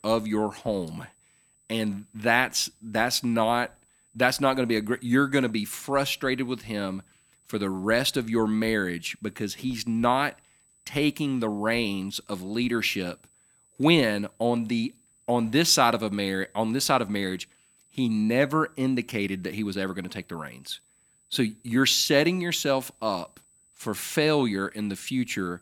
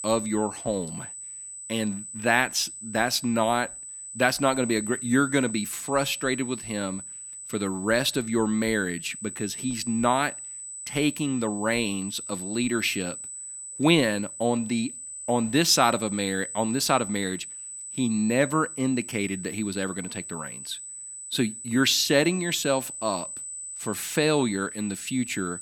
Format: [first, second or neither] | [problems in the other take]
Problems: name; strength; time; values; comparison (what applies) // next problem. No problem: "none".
first | high-pitched whine; loud; throughout; 8 kHz, 9 dB below the speech; faint in the first